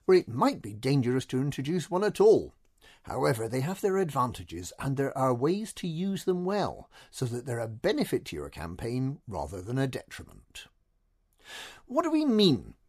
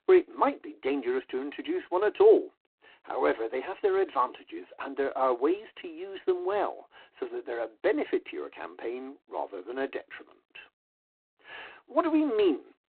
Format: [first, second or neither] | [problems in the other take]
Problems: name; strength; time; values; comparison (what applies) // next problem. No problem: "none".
first | phone-call audio; poor line; nothing above 4 kHz